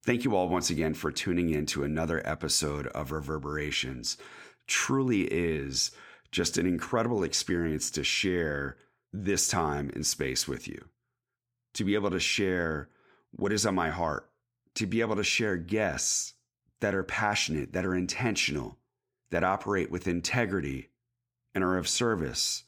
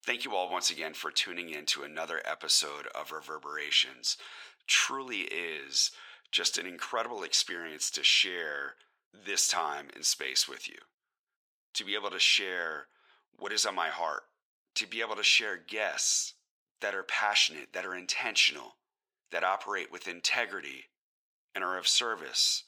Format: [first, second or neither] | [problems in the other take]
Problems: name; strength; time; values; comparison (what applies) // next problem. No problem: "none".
first | thin; very; fading below 750 Hz